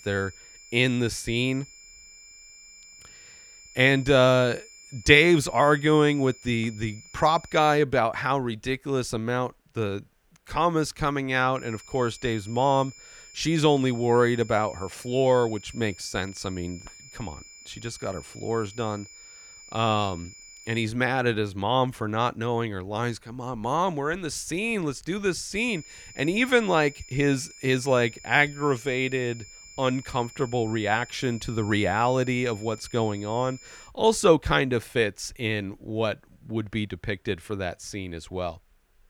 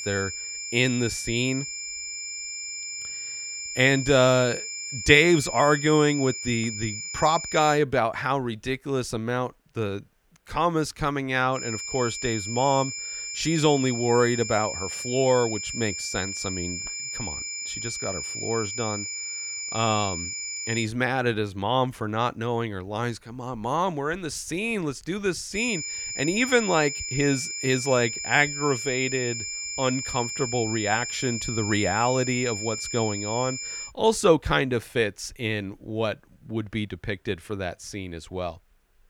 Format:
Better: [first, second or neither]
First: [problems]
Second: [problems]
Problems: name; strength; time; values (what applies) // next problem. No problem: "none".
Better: first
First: high-pitched whine; faint; until 8 s, from 12 to 21 s and from 26 to 34 s; 7 kHz, 20 dB below the speech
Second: high-pitched whine; loud; until 8 s, from 12 to 21 s and from 26 to 34 s; 7 kHz, 5 dB below the speech